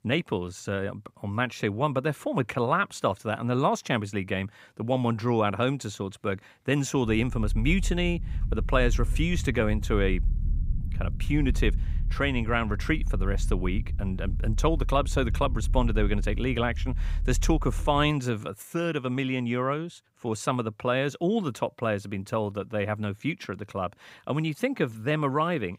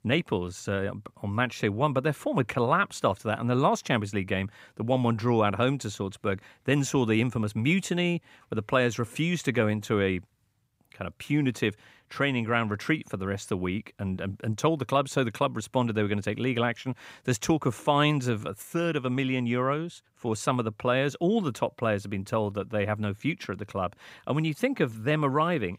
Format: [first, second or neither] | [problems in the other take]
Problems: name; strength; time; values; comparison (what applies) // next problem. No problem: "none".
second | low rumble; faint; from 7 to 18 s; 20 dB below the speech